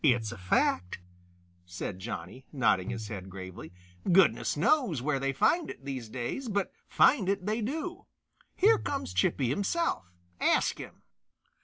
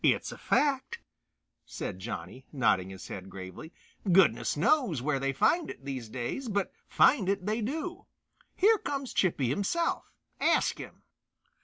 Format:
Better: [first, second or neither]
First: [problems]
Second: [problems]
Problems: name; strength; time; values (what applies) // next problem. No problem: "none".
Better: second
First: background sound (Tabla); 13 dB below the speech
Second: none